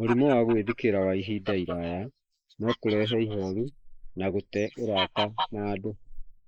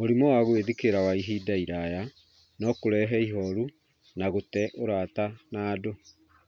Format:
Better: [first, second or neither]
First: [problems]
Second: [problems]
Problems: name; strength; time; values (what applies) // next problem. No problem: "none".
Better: second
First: noise reduction (neural mask model Resemble Enhance denoiser)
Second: none